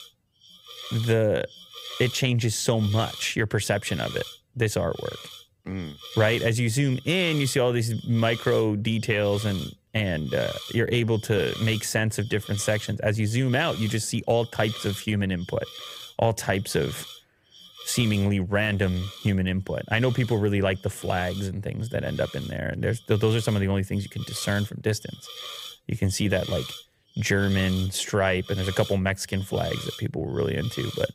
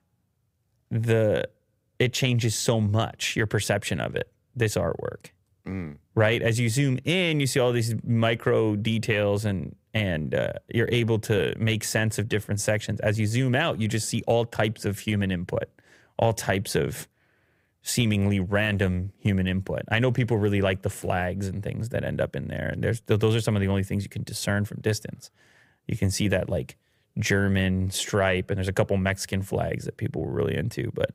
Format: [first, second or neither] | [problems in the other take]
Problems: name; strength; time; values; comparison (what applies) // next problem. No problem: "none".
second | hiss; noticeable; throughout; 15 dB below the speech